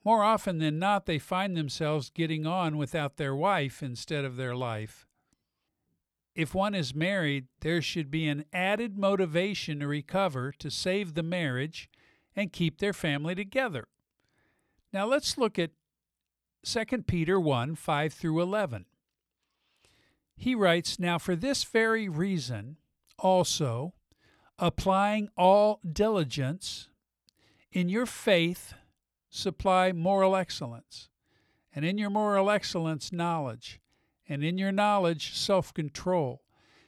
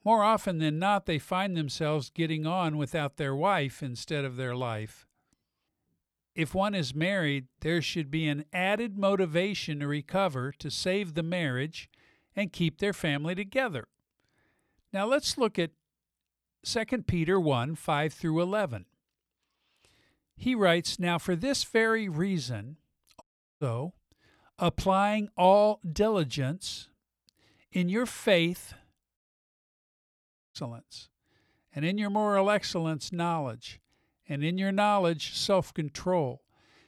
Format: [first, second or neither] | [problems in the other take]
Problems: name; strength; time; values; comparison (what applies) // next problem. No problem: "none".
first | audio cutting out; at 23 s and at 29 s for 1.5 s